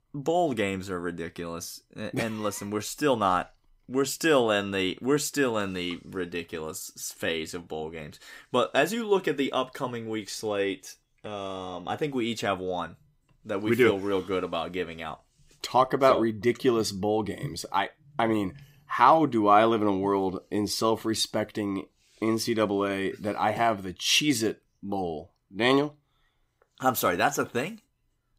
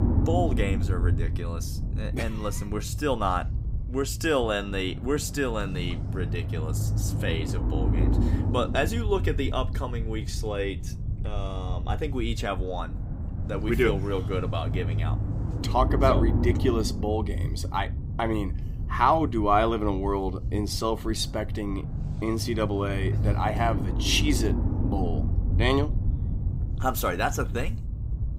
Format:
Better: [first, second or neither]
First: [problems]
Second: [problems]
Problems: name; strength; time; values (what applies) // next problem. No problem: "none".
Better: first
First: none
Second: low rumble; noticeable; throughout; 10 dB below the speech